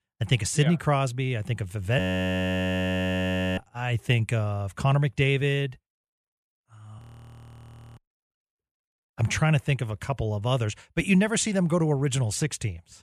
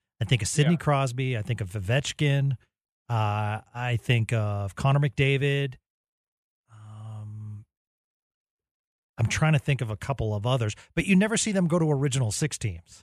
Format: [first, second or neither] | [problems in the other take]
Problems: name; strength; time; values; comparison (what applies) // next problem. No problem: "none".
second | audio freezing; at 2 s for 1.5 s and at 7 s for 1 s